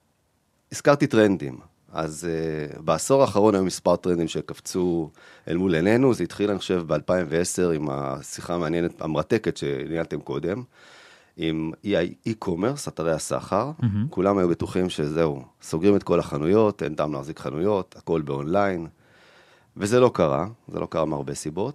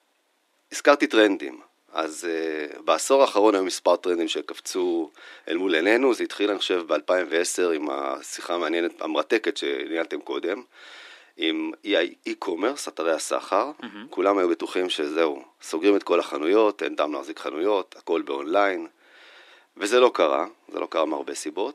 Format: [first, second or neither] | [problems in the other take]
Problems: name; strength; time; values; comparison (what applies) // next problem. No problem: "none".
first | thin; somewhat; fading below 300 Hz